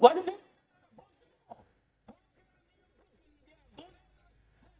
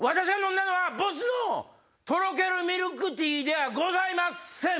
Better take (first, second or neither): second